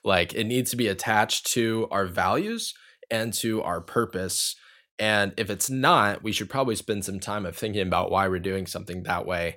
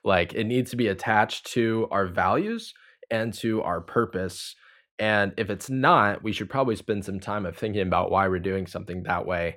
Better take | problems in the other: first | muffled; slightly; fading above 3.5 kHz

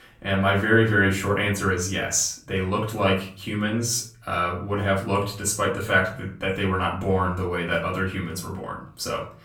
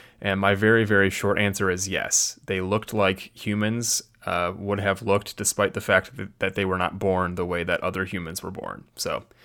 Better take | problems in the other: second | room echo; slight; dies away in 0.4 s // off-mic speech; far

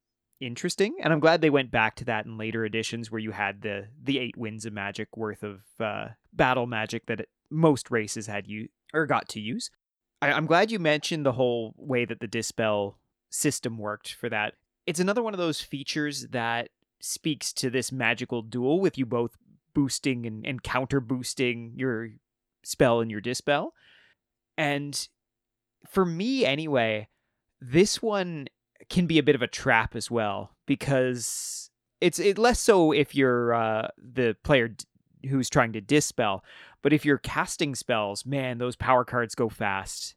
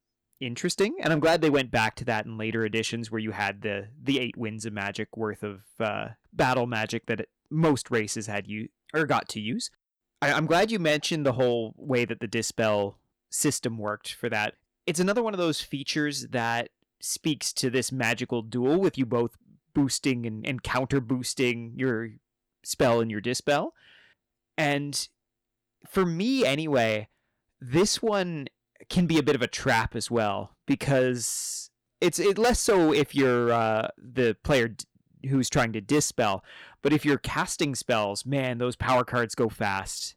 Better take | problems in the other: first | distortion; slight; 3% of the sound clipped

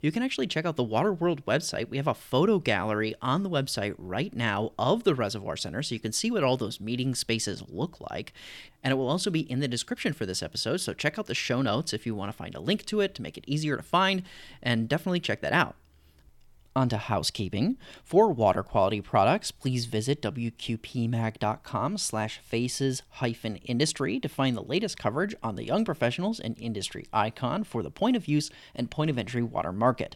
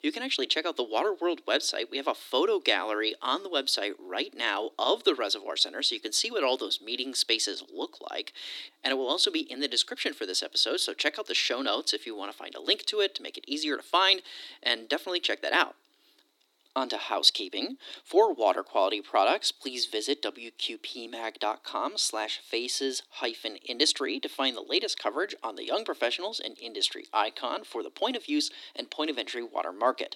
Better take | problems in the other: first | thin; somewhat; fading below 300 Hz

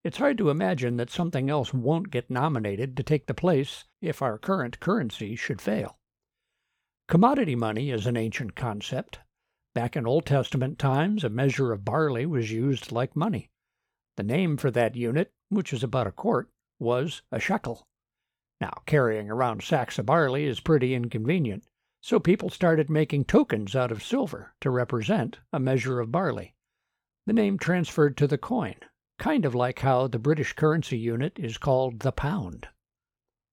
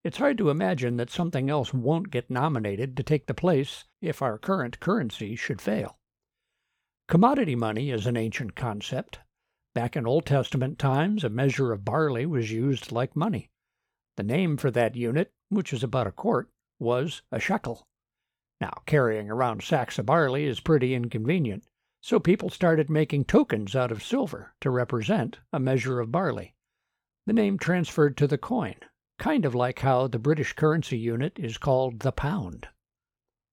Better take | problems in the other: neither | none

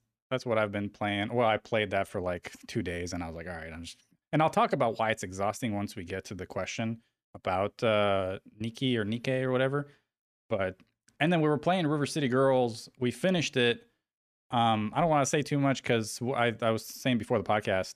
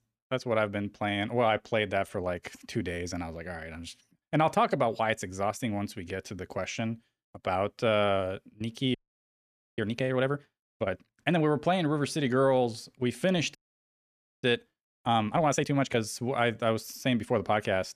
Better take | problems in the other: first | audio freezing; at 9 s for 1 s and at 14 s for 1 s

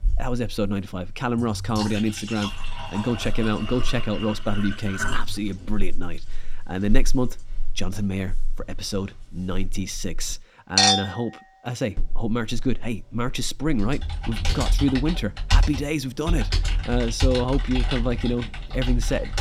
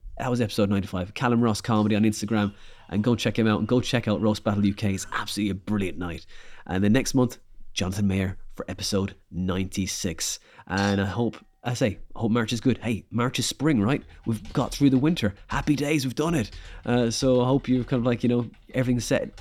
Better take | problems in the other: second | household noises; loud; throughout; 1 dB below the speech; faint in the second

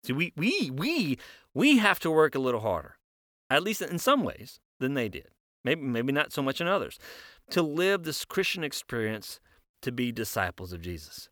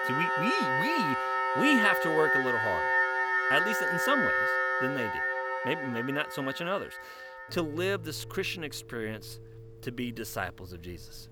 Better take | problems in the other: first | background music; very loud; throughout; 5 dB above the speech

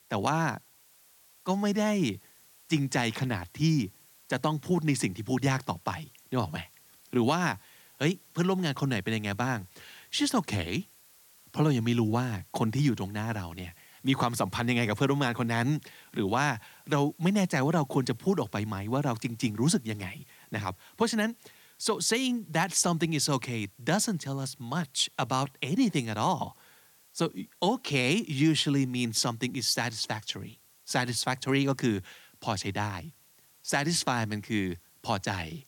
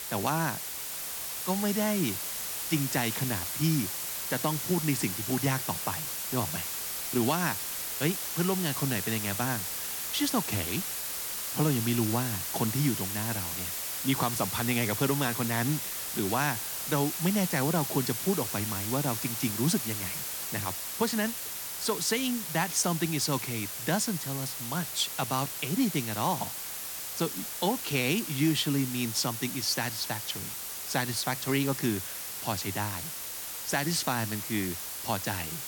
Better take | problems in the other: first | hiss; loud; throughout; 2 dB below the speech; faint in the first

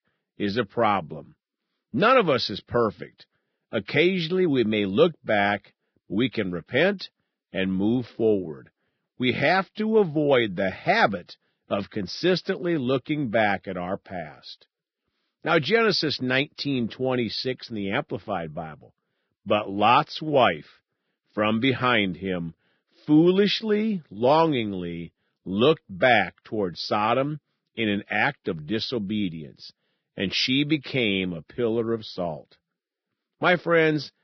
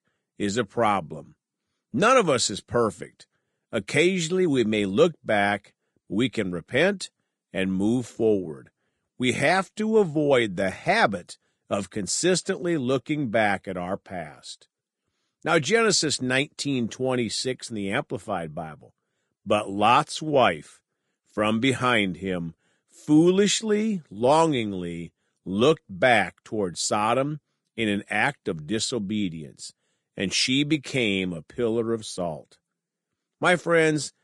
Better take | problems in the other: second | garbled, watery; badly; nothing above 5.5 kHz; slightly in the second

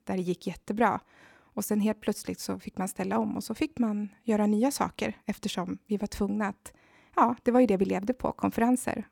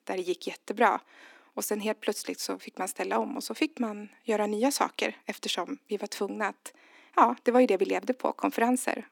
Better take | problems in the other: first | thin; very slightly; fading below 250 Hz

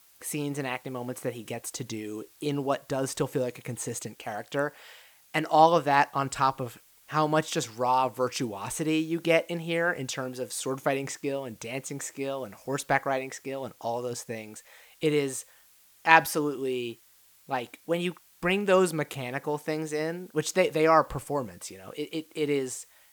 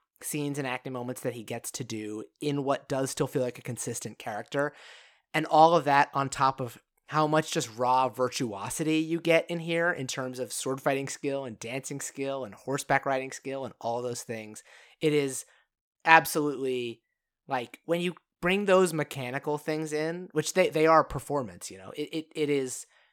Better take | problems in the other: second | hiss; faint; throughout; 30 dB below the speech

